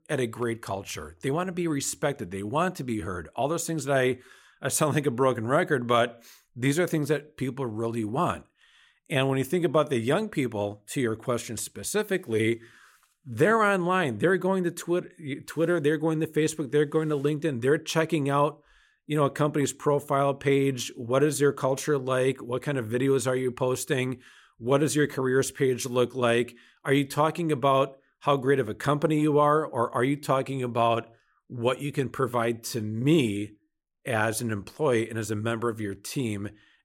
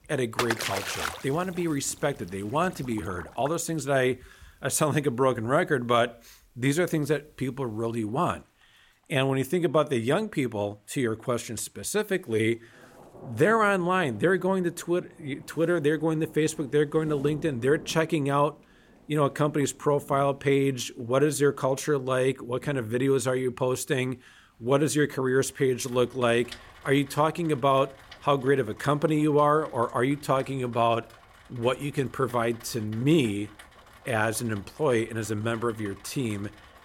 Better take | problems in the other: first | rain or running water; noticeable; throughout; 15 dB below the speech

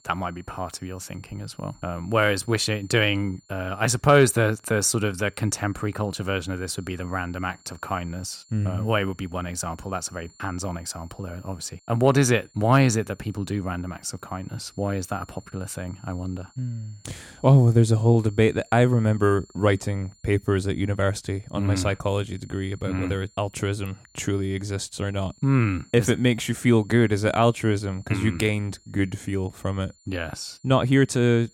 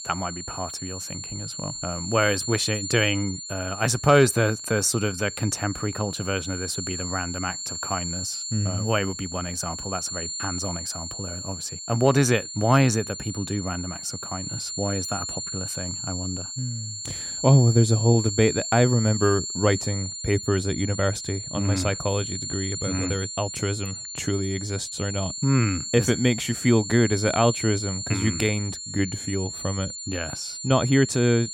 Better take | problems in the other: first | high-pitched whine; loud; throughout; 7 kHz, 6 dB below the speech; faint in the first

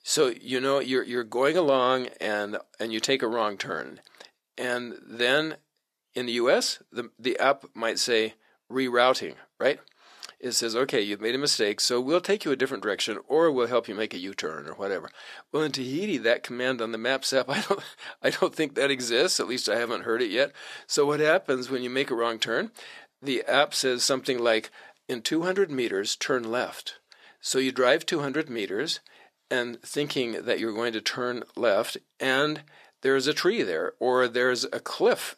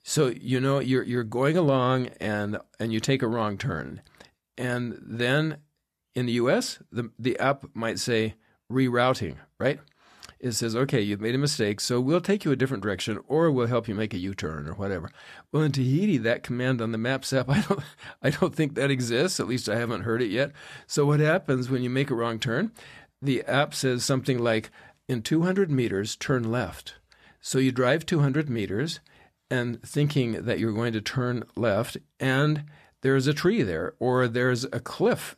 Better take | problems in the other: second | thin; somewhat; fading below 400 Hz

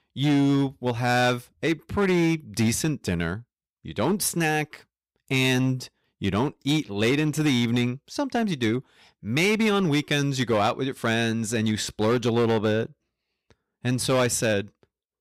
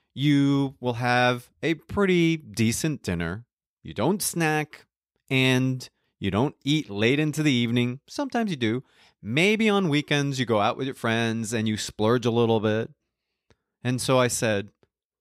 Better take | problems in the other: second | distortion; slight; 7% of the sound clipped

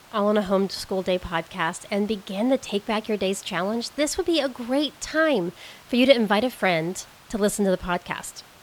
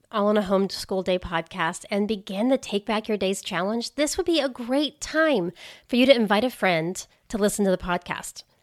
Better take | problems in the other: second | hiss; faint; throughout; 25 dB below the speech

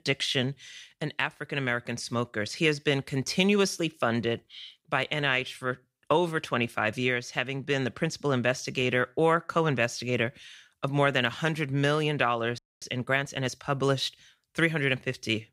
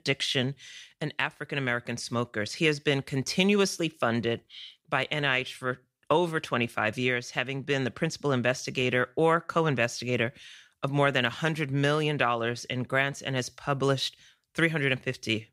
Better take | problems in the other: second | audio freezing; at 13 s

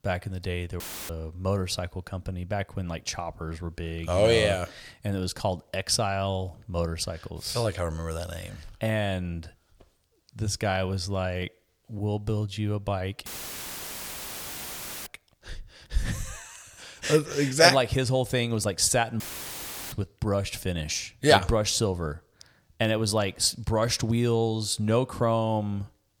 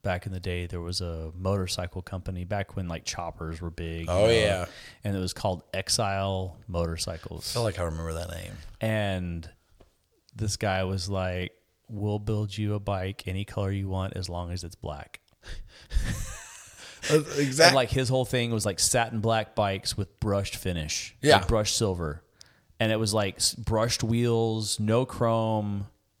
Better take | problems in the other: second | audio cutting out; filled with static; at 1 s, at 13 s for 2 s and at 19 s for 0.5 s

